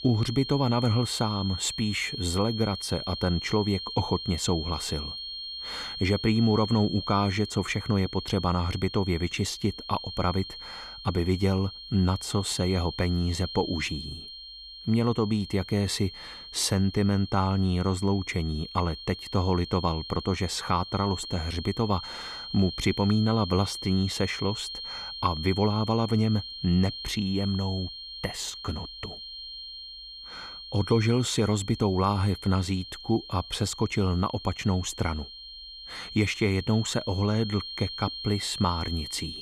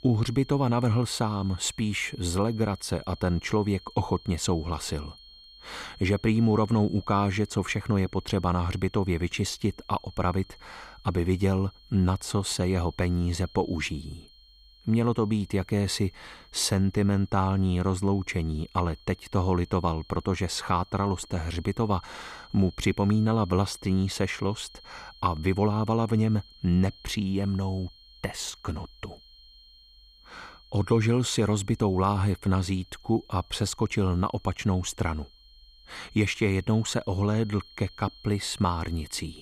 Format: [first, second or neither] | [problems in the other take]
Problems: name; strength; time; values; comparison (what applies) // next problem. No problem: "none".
second | high-pitched whine; loud; throughout; 4.5 kHz, 9 dB below the speech; faint in the second